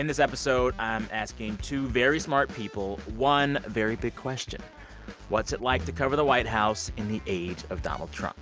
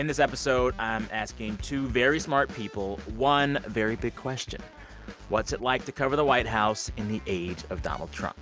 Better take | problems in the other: second | background sound (Bowed string instrument); 14 dB below the speech

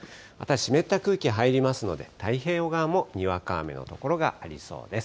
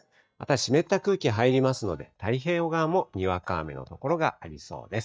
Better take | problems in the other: first | noise reduction (neural mask model DeepFilterNet 3)

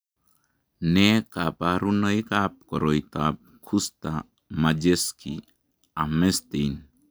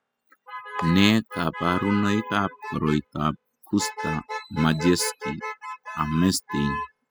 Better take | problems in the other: first | noise reduction (classical method spectral subtraction)

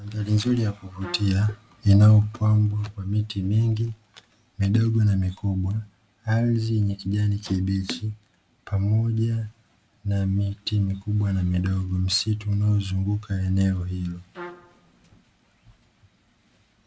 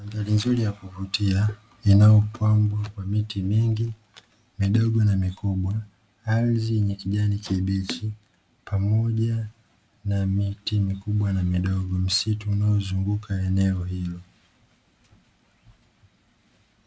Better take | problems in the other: second | background sound (Trumpet); 18 dB below the speech

